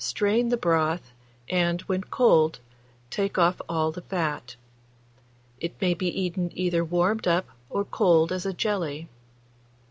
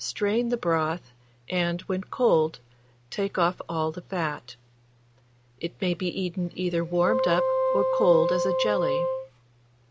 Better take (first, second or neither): first